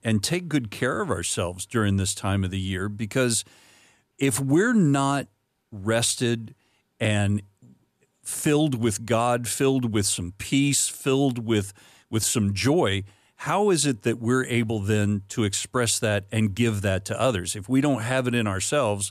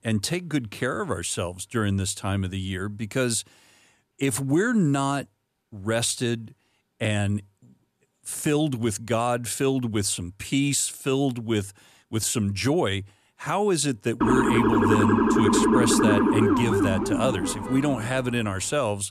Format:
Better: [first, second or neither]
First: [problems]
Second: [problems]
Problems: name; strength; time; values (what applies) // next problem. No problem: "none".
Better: first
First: none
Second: siren; loud; from 14 to 18 s; peak 6 dB above the speech